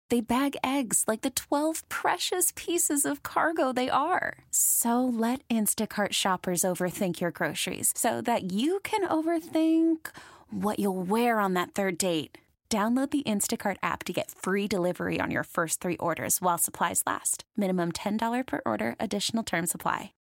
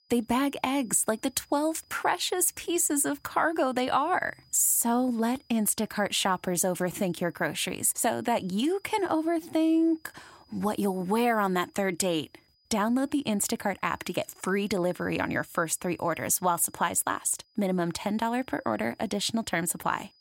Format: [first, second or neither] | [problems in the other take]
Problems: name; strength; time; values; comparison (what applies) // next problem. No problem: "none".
first | high-pitched whine; faint; throughout; 5 kHz, 35 dB below the speech